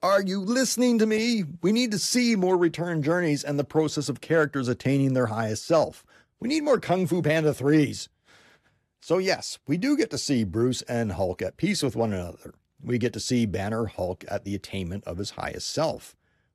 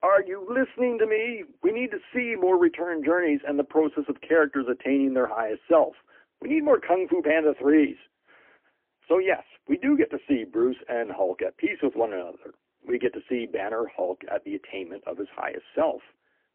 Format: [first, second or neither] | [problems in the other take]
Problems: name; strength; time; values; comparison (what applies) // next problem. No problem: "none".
first | phone-call audio; poor line